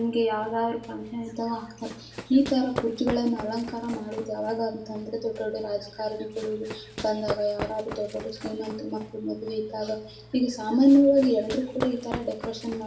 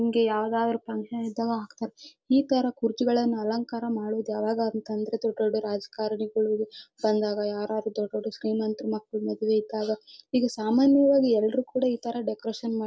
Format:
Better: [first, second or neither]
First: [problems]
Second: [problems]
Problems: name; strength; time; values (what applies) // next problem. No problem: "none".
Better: second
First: background sound (Run); 13 dB below the speech // room echo; dies away in 0.7 s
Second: none